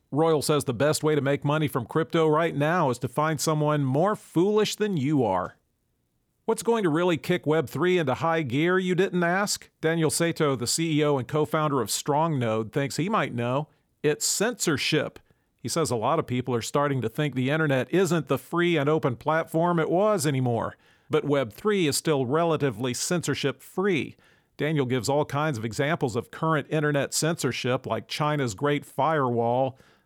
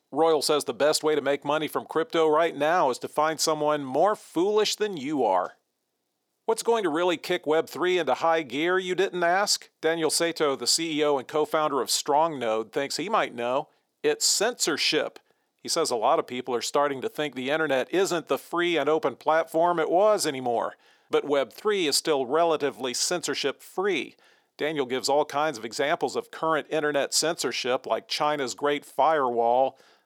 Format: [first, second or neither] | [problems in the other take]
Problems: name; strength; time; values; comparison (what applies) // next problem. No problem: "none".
first | thin; somewhat; fading below 400 Hz